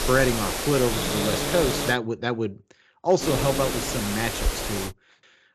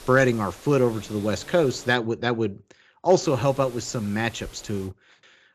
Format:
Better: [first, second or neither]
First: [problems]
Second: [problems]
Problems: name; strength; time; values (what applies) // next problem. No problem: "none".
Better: second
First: hiss; loud; until 2 s and from 3 to 5 s; 1 dB below the speech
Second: hiss; faint; until 2 s and from 3 to 5 s; 20 dB below the speech